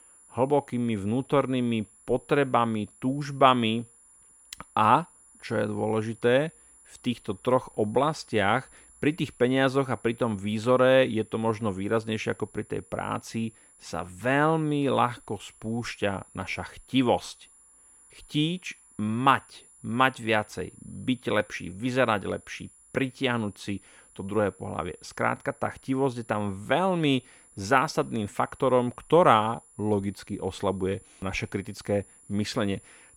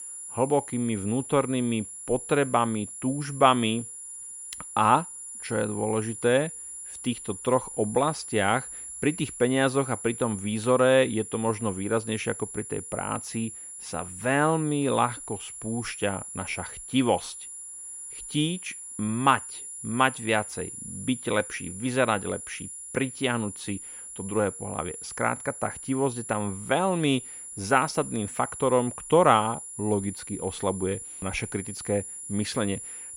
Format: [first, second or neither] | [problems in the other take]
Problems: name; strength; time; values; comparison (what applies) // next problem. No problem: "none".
first | high-pitched whine; loud; throughout; 10.5 kHz, 10 dB below the speech; faint in the first